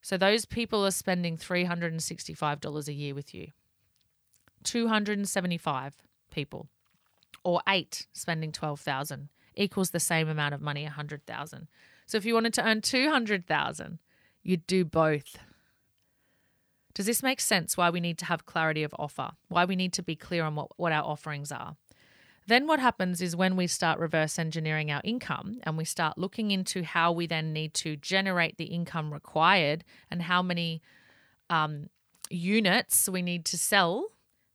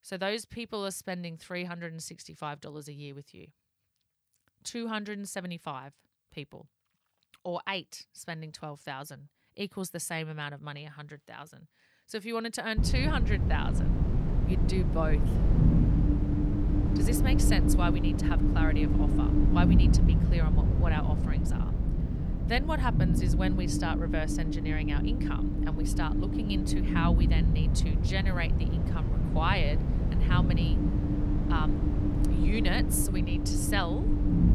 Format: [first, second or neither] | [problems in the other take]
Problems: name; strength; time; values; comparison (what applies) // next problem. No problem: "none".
first | low rumble; loud; from 13 s on; 2 dB below the speech